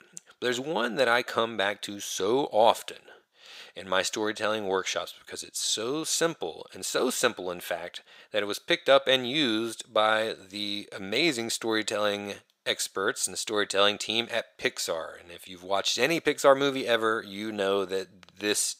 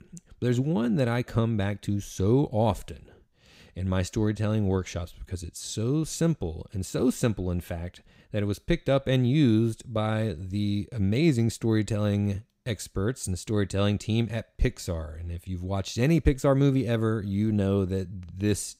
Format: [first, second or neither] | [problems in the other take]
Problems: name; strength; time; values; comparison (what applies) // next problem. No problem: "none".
second | thin; very; fading below 650 Hz